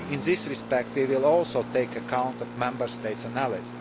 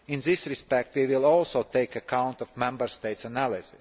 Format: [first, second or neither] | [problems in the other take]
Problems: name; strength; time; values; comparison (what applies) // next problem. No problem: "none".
second | background sound (Engine); 10 dB below the speech